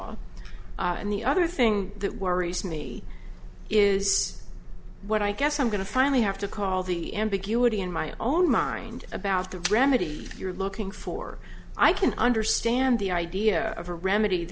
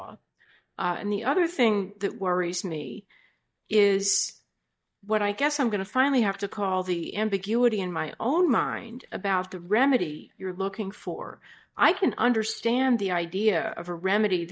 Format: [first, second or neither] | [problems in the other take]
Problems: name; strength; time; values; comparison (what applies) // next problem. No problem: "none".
first | noise reduction (neural mask model DeepFilterNet 3)